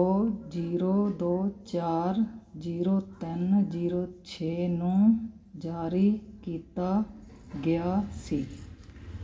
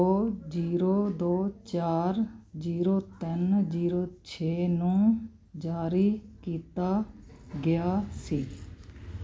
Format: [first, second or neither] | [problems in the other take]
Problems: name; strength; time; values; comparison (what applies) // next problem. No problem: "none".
second | room echo; dies away in 0.2 s